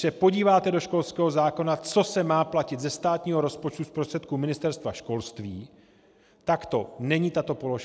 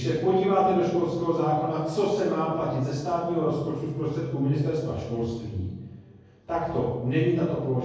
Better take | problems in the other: first | room echo; dies away in 1.3 s

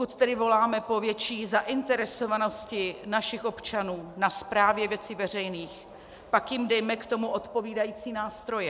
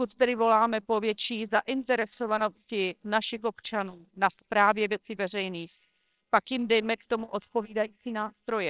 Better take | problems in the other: first | noise reduction (neural separator model SepFormer WHAMR!)

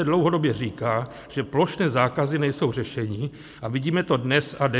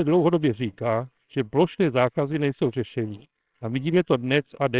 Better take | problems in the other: first | noise reduction (neural separator model SepFormer WHAMR!)

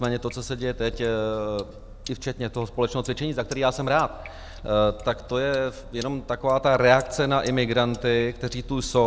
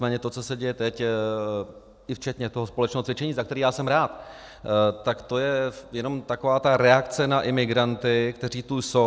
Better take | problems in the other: second | background sound (Sink (filling or washing)); 16 dB below the speech

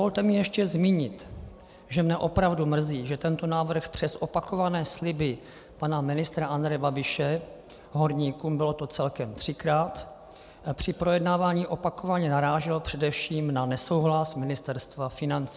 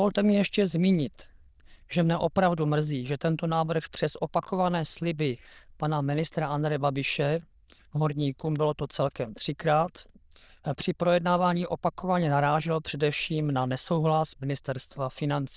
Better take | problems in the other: first | noise reduction (neural diffusion model UNIVERSE++)

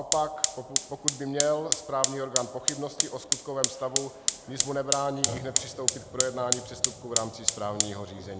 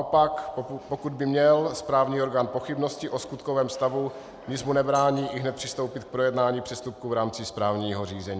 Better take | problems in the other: second | background sound (Fire); 2 dB above the speech

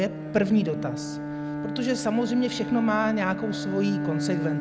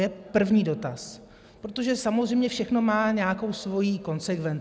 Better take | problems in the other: second | background sound (Bowed string instrument); 5 dB below the speech

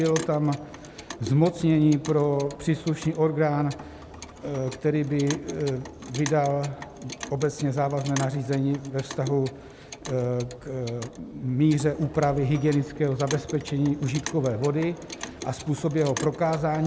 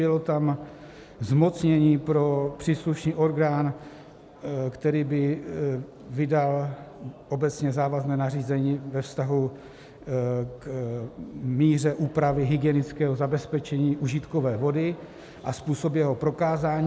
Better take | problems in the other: second | background sound (Clock); 15 dB below the speech

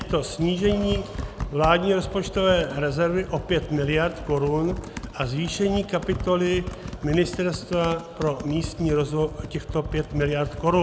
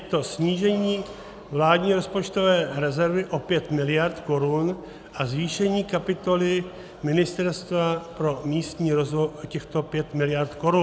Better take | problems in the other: second | background sound (Computer keyboard); 10 dB below the speech

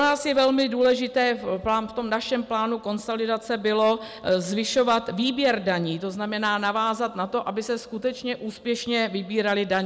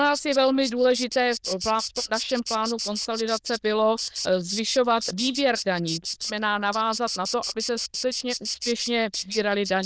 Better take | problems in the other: first | noise reduction (neural diffusion model UNIVERSE++)

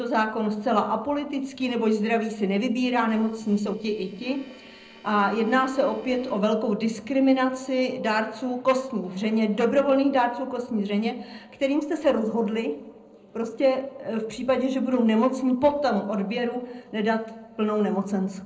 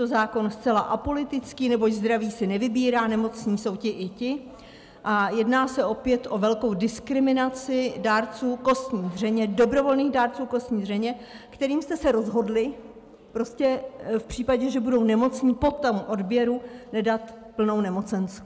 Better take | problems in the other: second | noise reduction (neural separator model SepFormer DNS4)

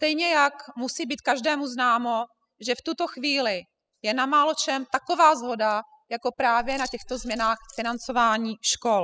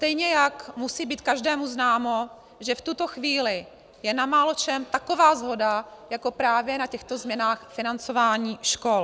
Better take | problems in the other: second | noise reduction (classical method spectral subtraction)

